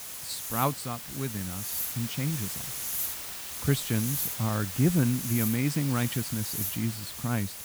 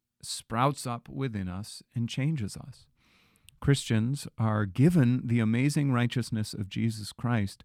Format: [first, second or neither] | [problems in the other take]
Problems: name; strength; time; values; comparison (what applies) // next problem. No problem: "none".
second | hiss; loud; throughout; 2 dB below the speech